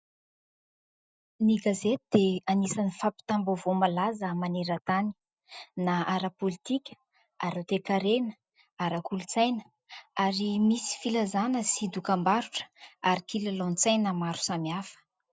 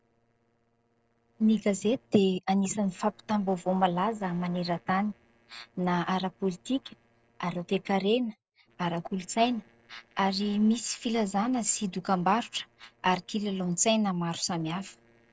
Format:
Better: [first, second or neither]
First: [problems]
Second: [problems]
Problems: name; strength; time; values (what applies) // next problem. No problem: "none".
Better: first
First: none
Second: noise reduction (neural separator model SepFormer DNS4)